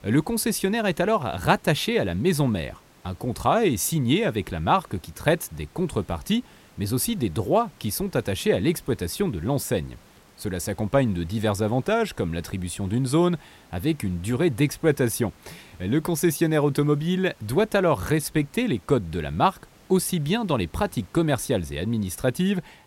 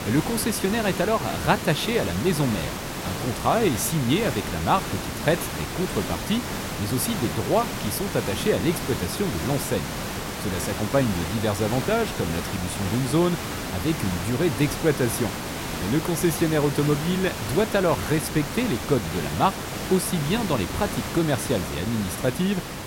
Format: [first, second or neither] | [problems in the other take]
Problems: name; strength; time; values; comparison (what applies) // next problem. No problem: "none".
first | hiss; loud; throughout; 5 dB below the speech; faint in the first